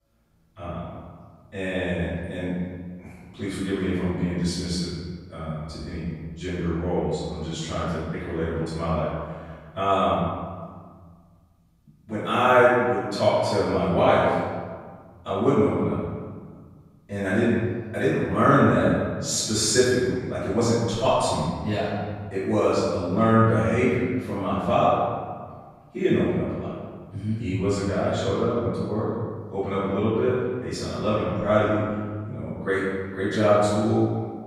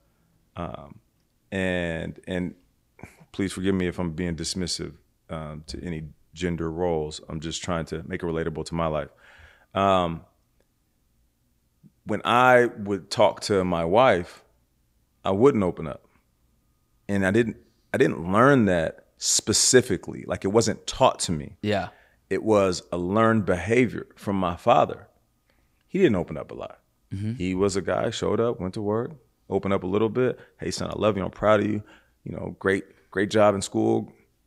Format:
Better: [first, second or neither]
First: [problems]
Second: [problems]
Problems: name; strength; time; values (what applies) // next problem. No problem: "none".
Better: second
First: off-mic speech; far // room echo; strong; dies away in 1.5 s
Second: none